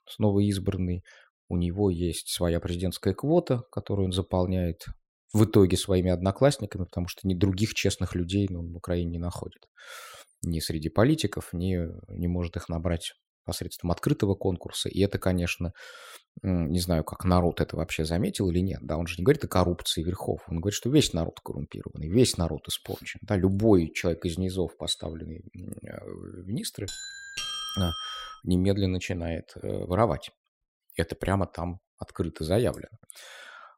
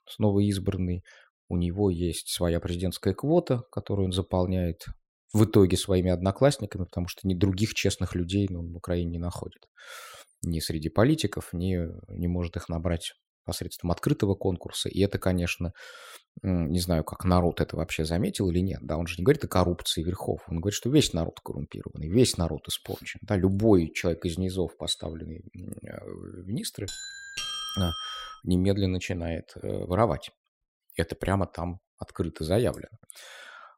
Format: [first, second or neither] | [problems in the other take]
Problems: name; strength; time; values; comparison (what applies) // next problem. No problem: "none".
neither | doorbell; noticeable; from 27 to 28 s; peak 4 dB below the speech; the same in both